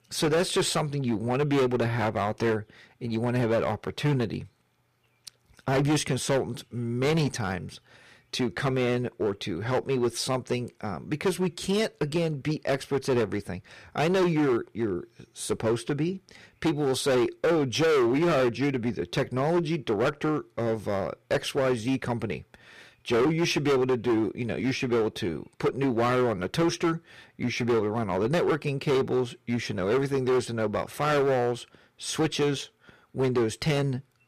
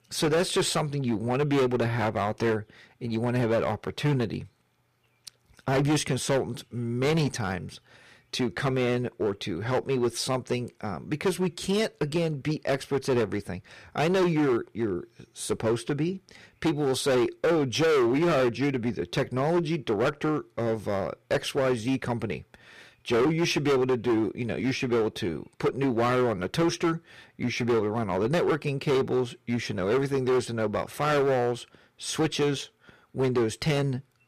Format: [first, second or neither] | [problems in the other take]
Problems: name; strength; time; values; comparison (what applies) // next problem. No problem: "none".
neither | distortion; heavy; 12% of the sound clipped; the same in both